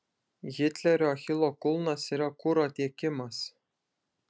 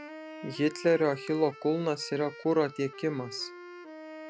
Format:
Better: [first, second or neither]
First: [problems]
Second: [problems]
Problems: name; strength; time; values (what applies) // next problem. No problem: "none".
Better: first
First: none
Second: background sound (Wind instrument, woodwind instrument); 15 dB below the speech